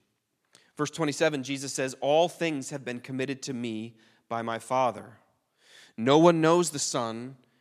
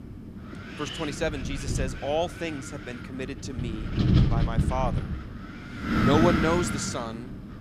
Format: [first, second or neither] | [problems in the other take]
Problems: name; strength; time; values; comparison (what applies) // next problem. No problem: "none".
first | wind noise on the microphone; heavy; 3 dB below the speech